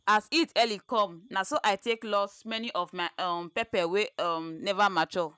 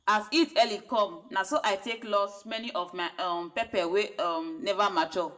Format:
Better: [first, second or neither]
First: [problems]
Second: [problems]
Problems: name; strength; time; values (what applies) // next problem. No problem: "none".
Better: first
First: none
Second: room echo; dies away in 0.4 s